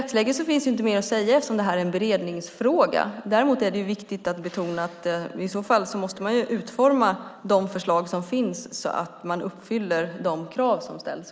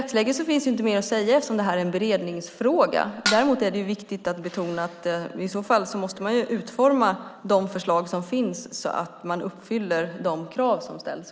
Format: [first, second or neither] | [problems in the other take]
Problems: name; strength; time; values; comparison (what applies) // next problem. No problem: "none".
first | background sound (Dishes, pots, and pans); 5 dB below the speech